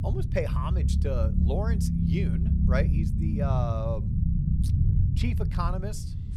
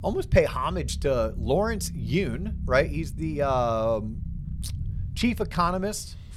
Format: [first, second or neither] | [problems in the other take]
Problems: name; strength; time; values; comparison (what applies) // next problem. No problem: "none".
second | low rumble; loud; throughout; 4 dB below the speech; faint in the second